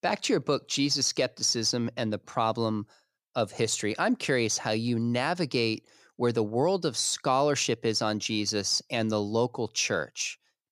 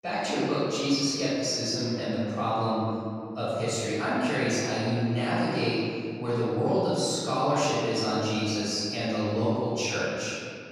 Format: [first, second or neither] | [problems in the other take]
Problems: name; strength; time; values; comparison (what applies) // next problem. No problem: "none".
first | room echo; strong; dies away in 2.1 s // off-mic speech; far